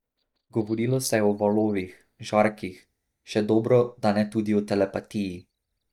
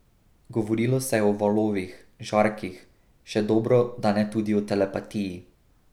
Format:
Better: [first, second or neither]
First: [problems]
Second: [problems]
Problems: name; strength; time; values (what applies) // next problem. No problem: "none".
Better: second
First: noise reduction (neural mask model DeepFilterNet 3)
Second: none